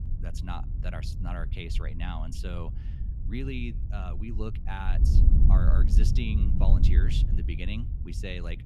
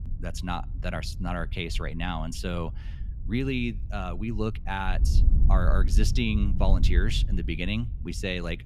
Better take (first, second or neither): second